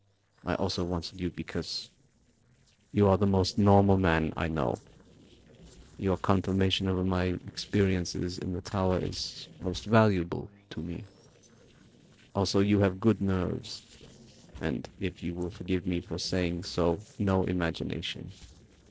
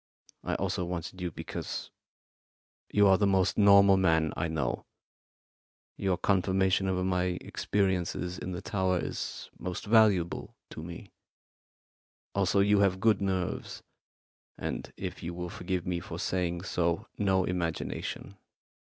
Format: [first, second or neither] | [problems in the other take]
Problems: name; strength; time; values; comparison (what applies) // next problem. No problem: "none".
second | noise reduction (neural separator model SepFormer DNS4)